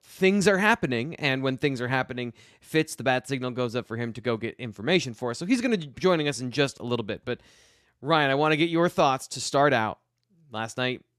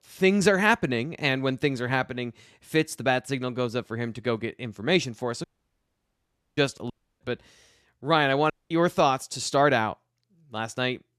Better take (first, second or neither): first